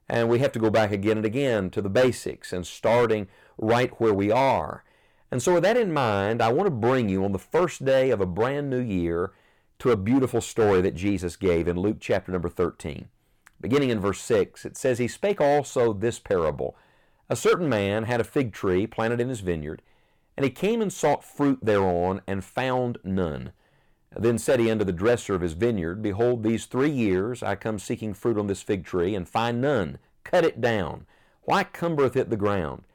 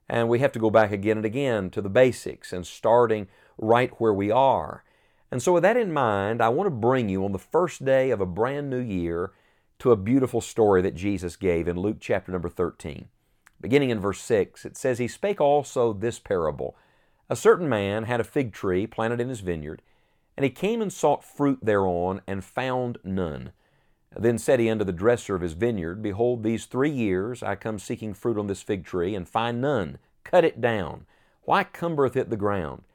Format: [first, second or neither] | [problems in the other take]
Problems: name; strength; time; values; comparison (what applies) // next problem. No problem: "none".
second | distortion; slight; 5% of the sound clipped